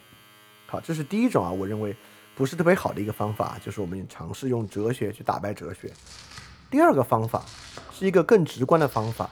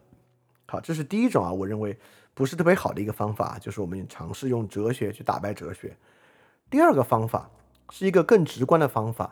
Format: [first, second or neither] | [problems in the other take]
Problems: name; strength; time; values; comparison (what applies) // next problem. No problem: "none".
second | household noises; faint; throughout; 25 dB below the speech